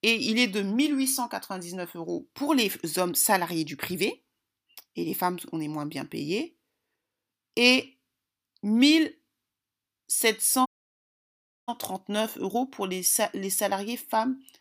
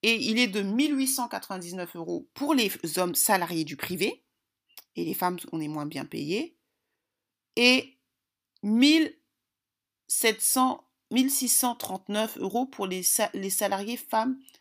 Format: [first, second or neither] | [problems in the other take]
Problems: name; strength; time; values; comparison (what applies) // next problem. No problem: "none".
second | audio cutting out; at 11 s for 1 s